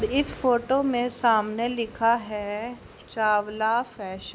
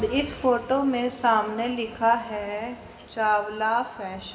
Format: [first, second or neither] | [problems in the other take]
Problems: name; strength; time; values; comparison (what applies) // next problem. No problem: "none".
first | room echo; dies away in 2.1 s